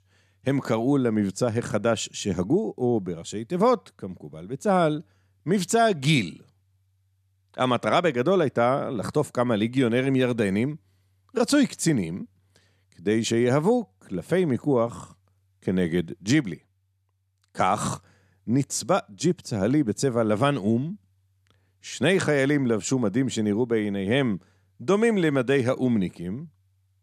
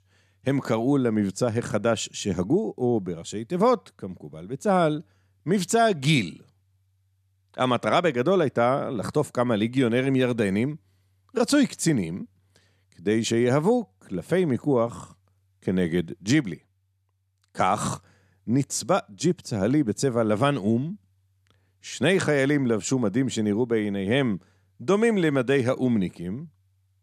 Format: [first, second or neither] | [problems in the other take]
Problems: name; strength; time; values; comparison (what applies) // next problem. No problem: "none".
neither | none